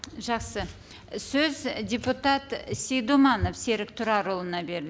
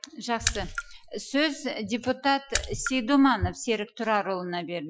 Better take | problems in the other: first | noise reduction (classical method Wiener filter)

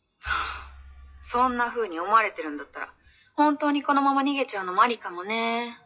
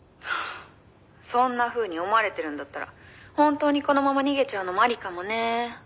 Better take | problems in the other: second | noise reduction (classical method WPE with log-MMSE)

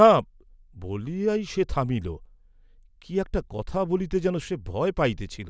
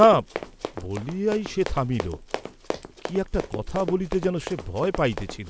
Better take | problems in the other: first | background sound (Run); 10 dB below the speech

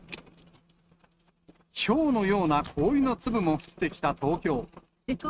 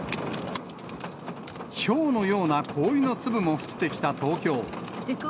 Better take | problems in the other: second | noise reduction (neural mask model RNNoise)

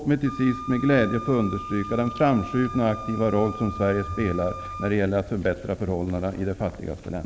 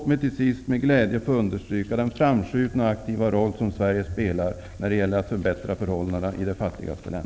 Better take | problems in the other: second | background sound (Wind instrument, woodwind instrument); 13 dB below the speech

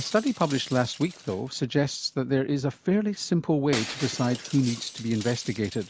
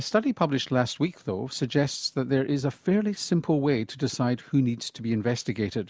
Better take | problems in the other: second | background sound (Shatter); 14 dB below the speech

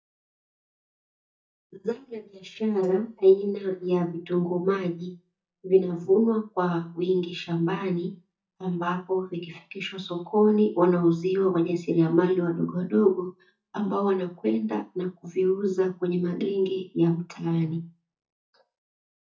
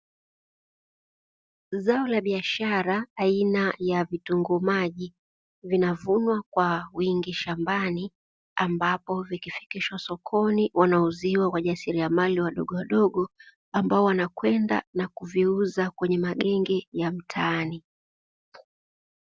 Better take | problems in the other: second | noise reduction (neural mask model DeepFilterNet 3)

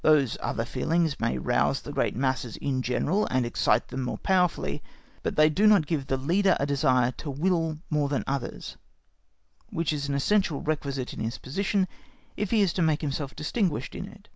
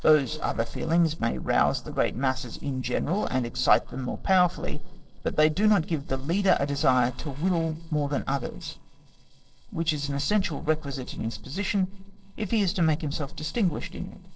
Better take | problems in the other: first | noise reduction (neural separator model SepFormer DNS4)

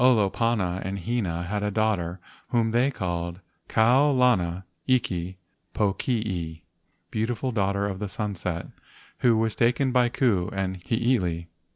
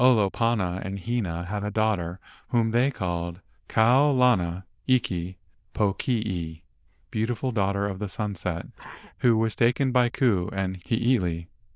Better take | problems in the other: first | noise reduction (neural diffusion model UNIVERSE++)

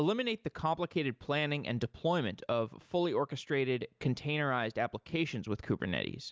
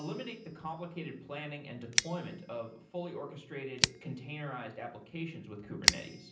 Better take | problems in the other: first | background sound (Scissors); 4 dB above the speech // room echo; dies away in 0.6 s

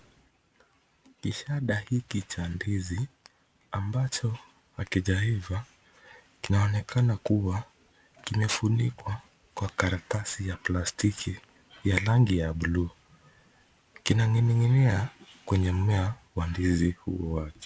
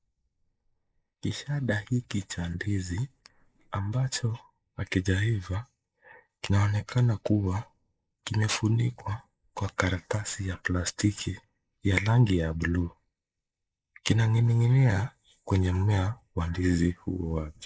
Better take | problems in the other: first | noise reduction (neural mask model Resemble Enhance denoiser)

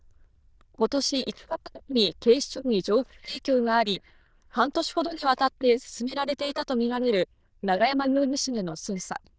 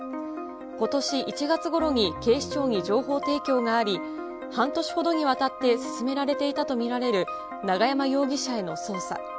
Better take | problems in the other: second | noise reduction (neural diffusion model UNIVERSE++)

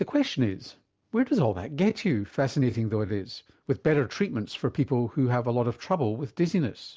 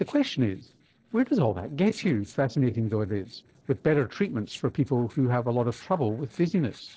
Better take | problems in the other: first | noise reduction (neural separator model SepFormer DNS4)

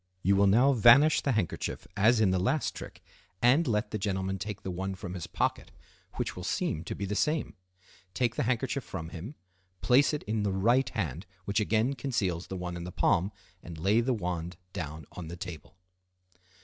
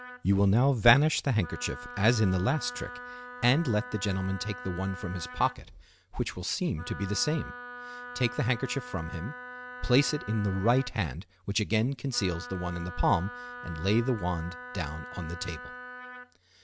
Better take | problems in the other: first | background sound (Wind instrument, woodwind instrument); 14 dB below the speech

